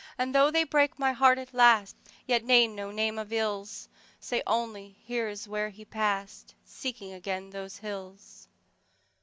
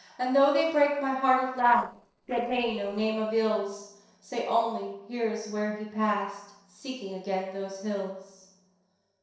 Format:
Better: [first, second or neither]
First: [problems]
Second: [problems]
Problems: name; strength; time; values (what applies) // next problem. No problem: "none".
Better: first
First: none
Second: noise reduction (neural separator model SepFormer DNS4)